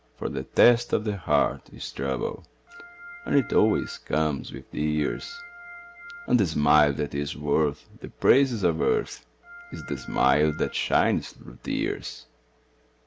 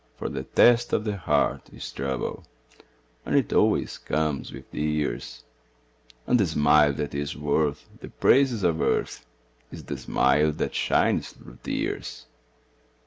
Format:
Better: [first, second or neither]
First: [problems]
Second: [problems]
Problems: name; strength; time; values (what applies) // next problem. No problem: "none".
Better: second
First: background sound (Organ); 17 dB below the speech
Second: none